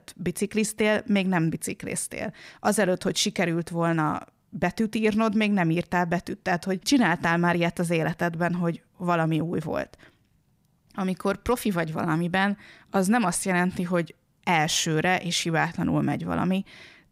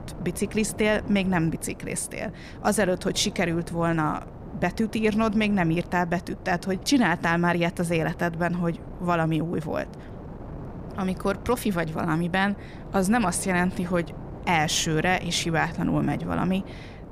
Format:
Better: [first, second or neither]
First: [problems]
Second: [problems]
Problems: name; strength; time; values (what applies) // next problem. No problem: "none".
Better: first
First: none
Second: wind noise on the microphone; occasional gusts; 20 dB below the speech